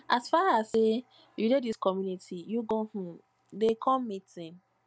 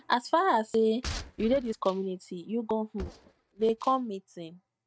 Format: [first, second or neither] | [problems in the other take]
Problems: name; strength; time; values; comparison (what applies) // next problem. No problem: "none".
first | noise reduction (neural mask model RNNoise)